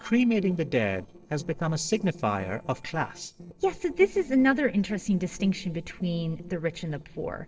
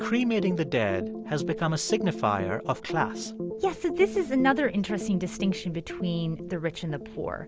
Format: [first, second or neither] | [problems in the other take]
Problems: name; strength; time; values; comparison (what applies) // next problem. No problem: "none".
second | noise reduction (neural separator model SepFormer DNS4)